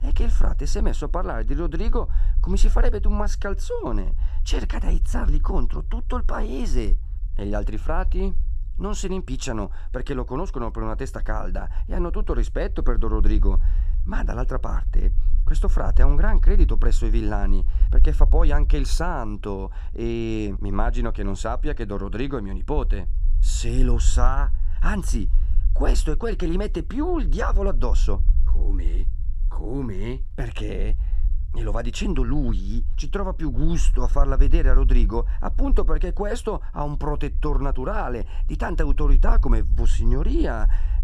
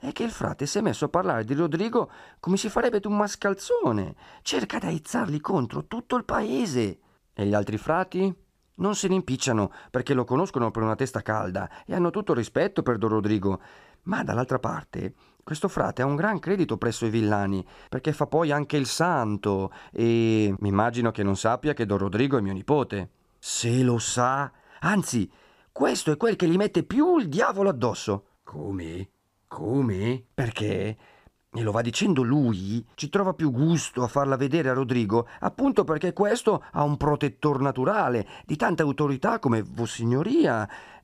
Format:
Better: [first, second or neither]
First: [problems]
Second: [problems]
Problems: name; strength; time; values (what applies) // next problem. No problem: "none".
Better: second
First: low rumble; noticeable; throughout; 20 dB below the speech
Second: none